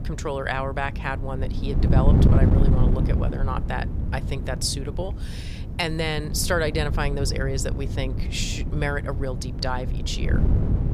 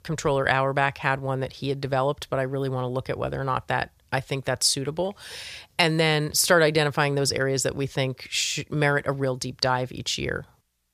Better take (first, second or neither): second